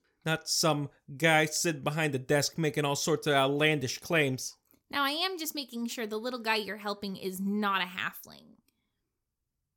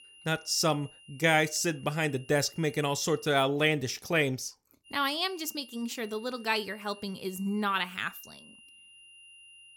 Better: first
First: none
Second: high-pitched whine; faint; until 3.5 s and from 5 s on; 3 kHz, 20 dB below the speech

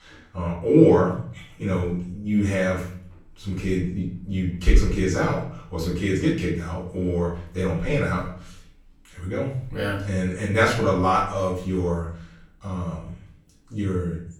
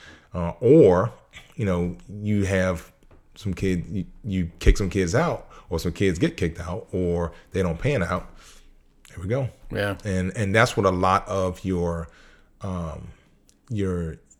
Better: second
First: off-mic speech; far // room echo; noticeable; dies away in 0.5 s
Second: none

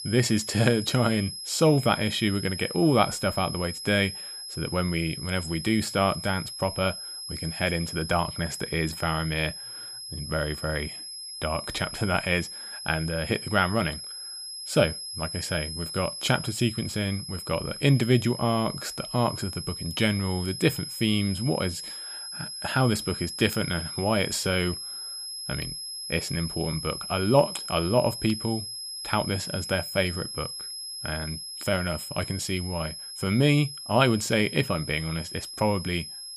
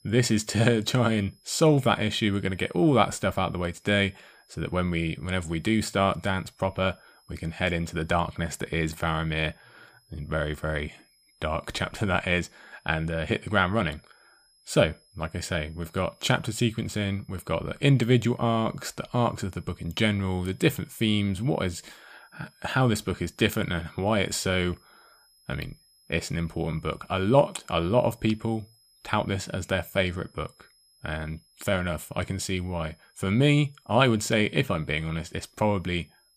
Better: second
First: high-pitched whine; loud; throughout; 5 kHz, 8 dB below the speech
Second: high-pitched whine; faint; throughout; 5 kHz, 35 dB below the speech

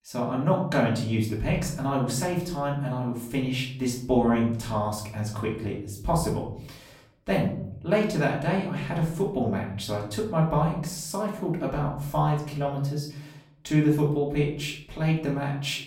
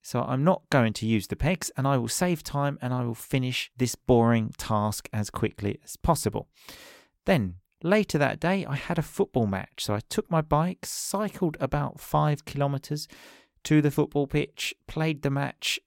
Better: second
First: off-mic speech; far // room echo; slight; dies away in 0.7 s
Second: none

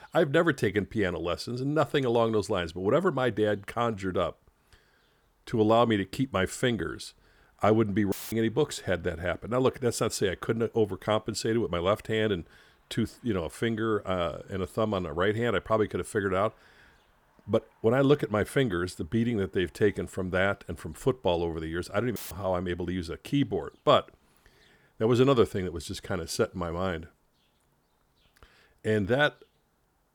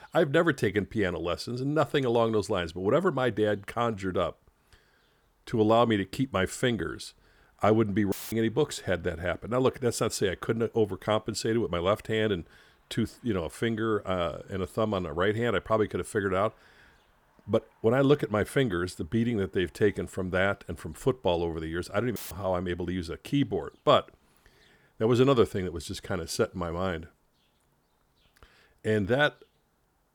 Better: neither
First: audio cutting out; filled with static; at 8 s and at 22 s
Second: audio cutting out; filled with static; at 8 s and at 22 s

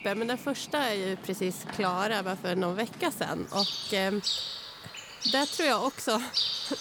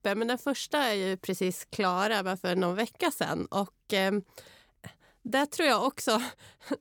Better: second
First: animal sounds; loud; throughout; 2 dB below the speech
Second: none

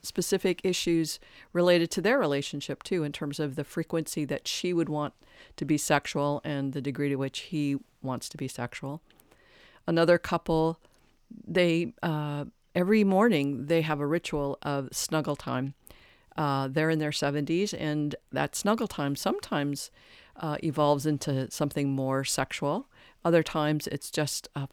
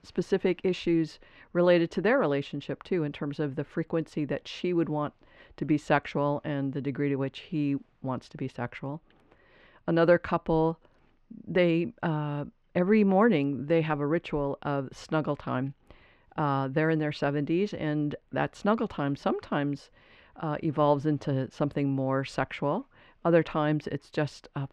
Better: first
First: none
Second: muffled; slightly; fading above 2.5 kHz

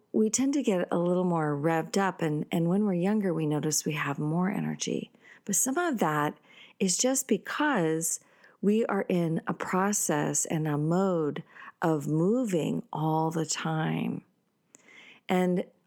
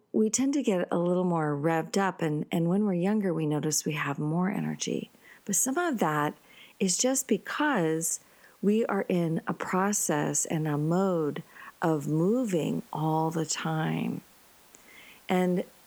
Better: first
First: none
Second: hiss; faint; from 4.5 s on; 30 dB below the speech

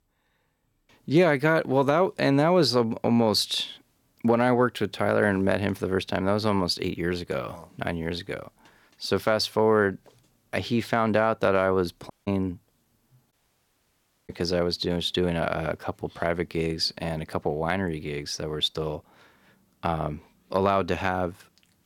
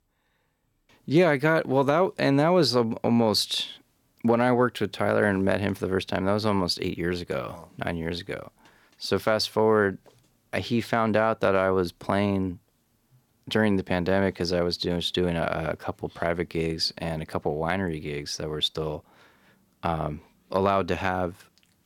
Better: second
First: audio cutting out; at 12 s and at 13 s for 1 s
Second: none

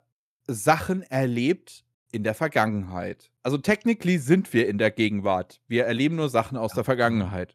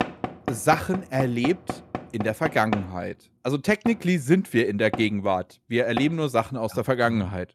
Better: first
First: none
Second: door banging; noticeable; until 6 s; peak 5 dB below the speech

